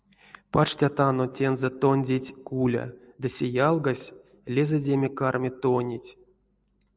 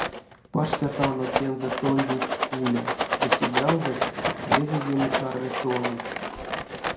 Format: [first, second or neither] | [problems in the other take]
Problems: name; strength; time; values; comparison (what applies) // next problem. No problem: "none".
first | background sound (Rattle); as loud as the speech // room echo; dies away in 0.4 s